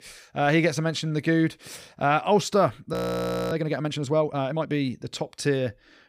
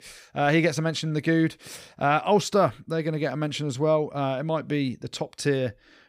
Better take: second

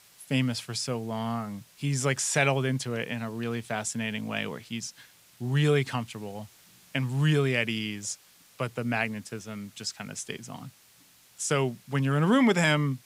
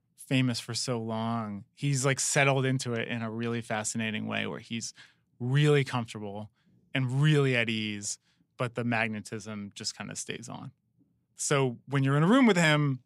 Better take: second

